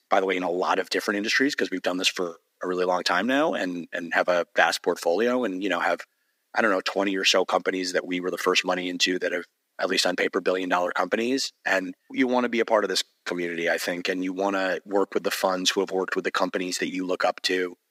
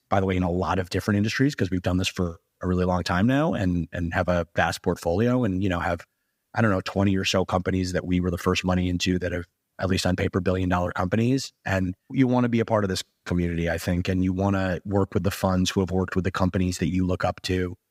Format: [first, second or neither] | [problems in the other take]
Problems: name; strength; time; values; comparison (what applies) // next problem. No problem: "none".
second | thin; somewhat; fading below 300 Hz